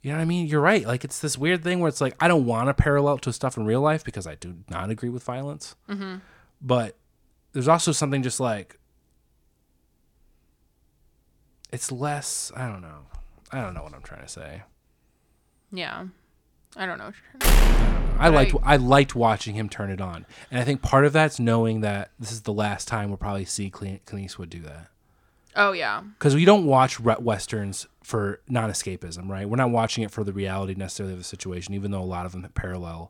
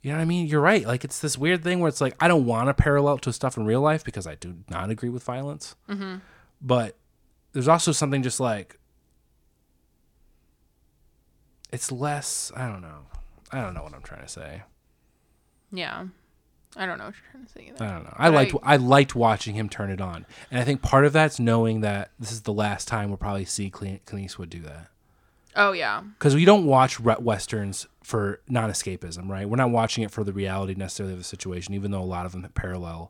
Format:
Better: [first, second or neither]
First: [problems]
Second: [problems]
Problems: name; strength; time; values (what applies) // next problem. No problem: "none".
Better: second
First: door banging; loud; from 17 to 19 s; peak 5 dB above the speech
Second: none